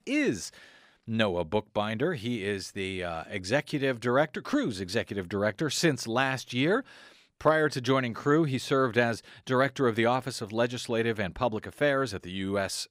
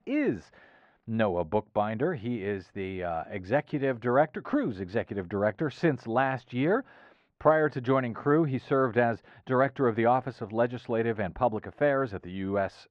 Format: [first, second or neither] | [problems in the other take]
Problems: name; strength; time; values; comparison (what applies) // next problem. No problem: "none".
first | muffled; very; fading above 1.5 kHz